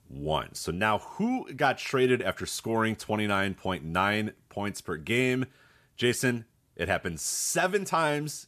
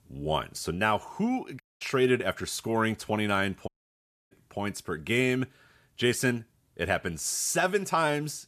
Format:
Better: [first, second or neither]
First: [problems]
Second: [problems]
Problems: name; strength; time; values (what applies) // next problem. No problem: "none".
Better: first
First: none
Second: audio cutting out; at 1.5 s and at 3.5 s for 0.5 s